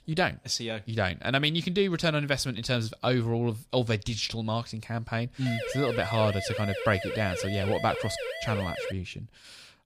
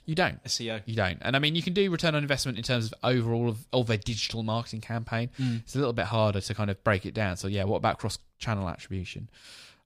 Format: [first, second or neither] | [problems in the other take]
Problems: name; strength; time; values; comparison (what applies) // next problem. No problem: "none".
second | siren; noticeable; from 5.5 to 9 s; peak 5 dB below the speech